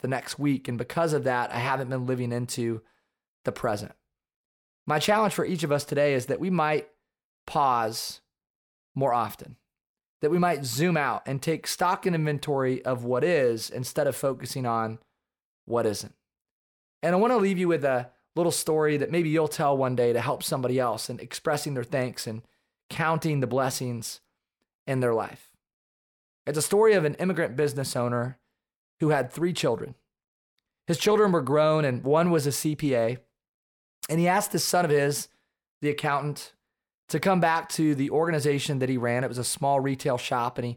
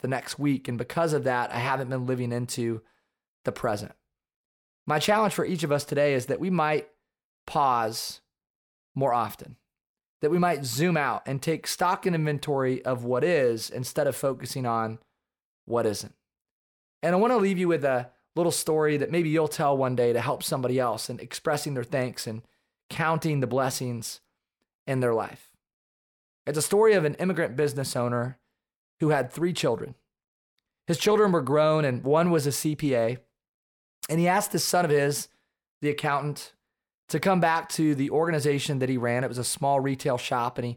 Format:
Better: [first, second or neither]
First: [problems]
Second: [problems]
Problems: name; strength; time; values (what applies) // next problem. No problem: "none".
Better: neither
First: none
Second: none